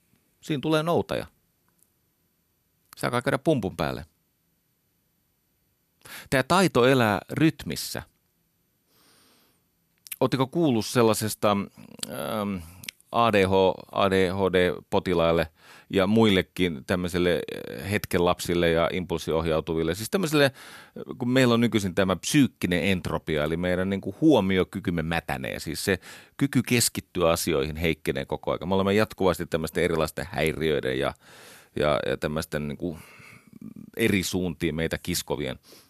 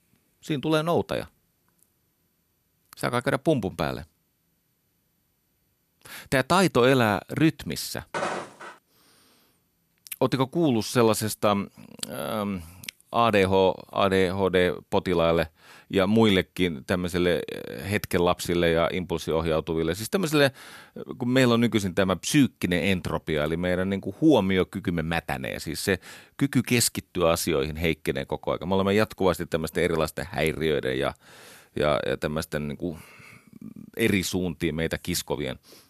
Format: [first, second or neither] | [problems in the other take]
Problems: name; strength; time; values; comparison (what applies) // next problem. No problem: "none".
first | footsteps; noticeable; at 8 s; peak 5 dB below the speech